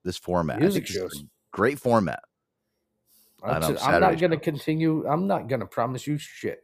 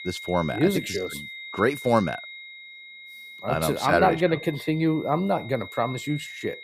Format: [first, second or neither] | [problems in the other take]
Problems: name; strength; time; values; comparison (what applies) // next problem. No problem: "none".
first | high-pitched whine; noticeable; throughout; 2 kHz, 15 dB below the speech